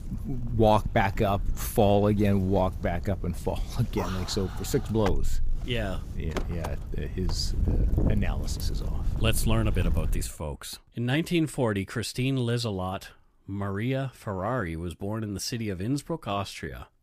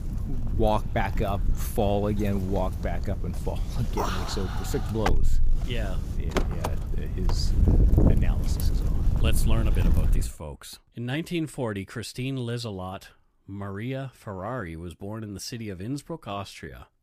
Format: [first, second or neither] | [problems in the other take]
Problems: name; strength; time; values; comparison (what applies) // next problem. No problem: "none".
first | wind noise on the microphone; heavy; until 10 s; 3 dB below the speech; occasional gusts in the first